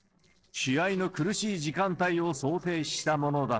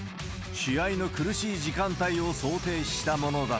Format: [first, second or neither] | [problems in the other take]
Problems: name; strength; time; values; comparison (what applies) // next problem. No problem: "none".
second | noise reduction (neural separator model SepFormer DNS4)